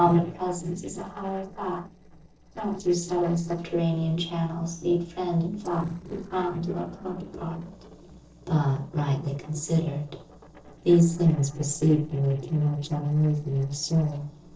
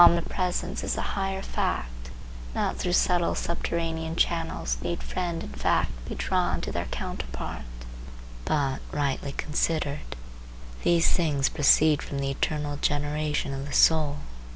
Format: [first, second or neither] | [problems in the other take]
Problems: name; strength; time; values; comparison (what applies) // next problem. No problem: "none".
second | noise reduction (neural separator model SepFormer DNS4)